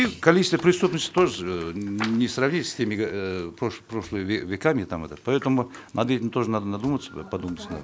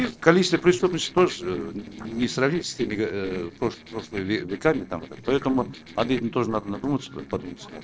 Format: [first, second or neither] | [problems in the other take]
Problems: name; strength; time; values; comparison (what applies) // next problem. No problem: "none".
first | noise reduction (neural separator model SepFormer DNS4)